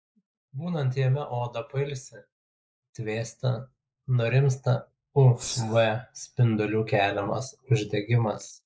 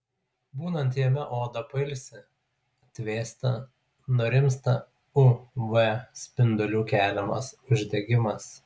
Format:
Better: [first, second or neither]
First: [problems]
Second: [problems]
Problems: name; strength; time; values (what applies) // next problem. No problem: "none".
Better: second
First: noise reduction (neural mask model Resemble Enhance denoiser)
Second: none